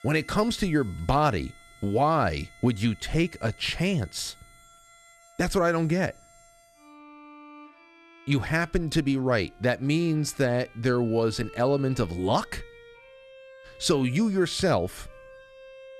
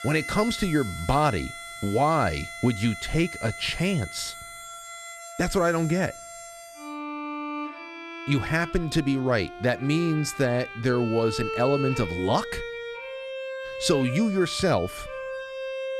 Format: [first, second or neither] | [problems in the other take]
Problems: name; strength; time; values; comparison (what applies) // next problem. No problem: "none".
first | background music; loud; throughout; 10 dB below the speech; faint in the first